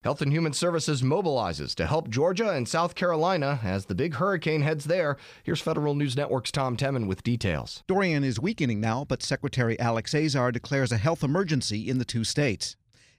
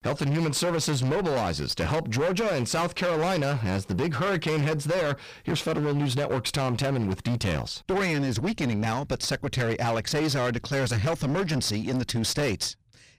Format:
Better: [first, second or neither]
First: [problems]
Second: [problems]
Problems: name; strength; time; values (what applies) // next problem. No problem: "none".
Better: first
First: none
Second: distortion; heavy; 28% of the sound clipped